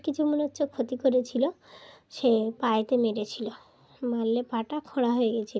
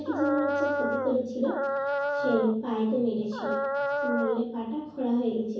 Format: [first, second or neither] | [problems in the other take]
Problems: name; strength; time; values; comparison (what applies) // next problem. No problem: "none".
first | background sound (Dog); 1 dB below the speech // room echo; dies away in 0.6 s